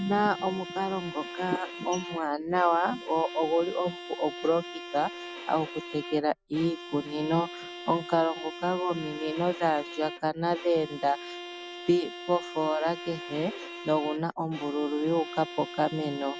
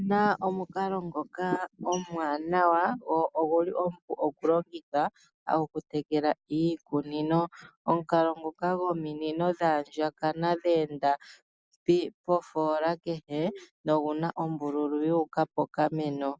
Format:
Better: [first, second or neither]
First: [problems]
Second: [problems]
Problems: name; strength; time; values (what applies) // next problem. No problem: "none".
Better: second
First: background sound (Bowed string instrument); 12 dB below the speech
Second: none